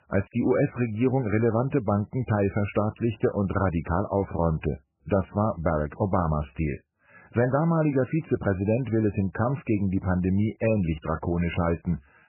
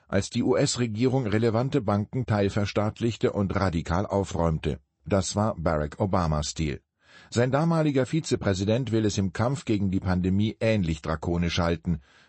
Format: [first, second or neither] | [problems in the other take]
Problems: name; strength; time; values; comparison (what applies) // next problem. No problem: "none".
second | garbled, watery; badly; nothing above 3 kHz; slightly in the second